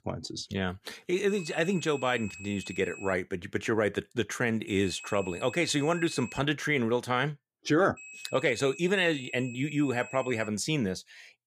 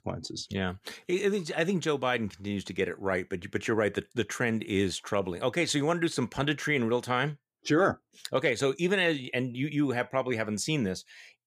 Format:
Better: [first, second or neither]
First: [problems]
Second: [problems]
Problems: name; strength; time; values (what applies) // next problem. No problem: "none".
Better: second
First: high-pitched whine; noticeable; from 1.5 to 3 s, from 4.5 to 6.5 s and from 8 to 10 s; 2.5 kHz, 15 dB below the speech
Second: none